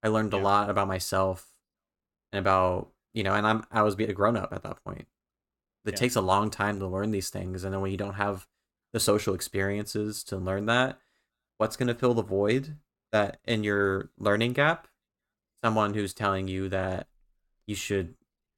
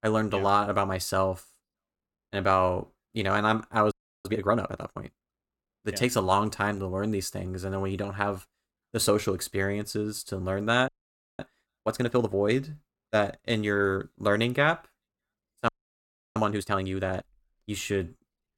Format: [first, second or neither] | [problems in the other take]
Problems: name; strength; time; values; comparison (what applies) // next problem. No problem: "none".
first | audio freezing; at 4 s, at 11 s for 0.5 s and at 16 s for 0.5 s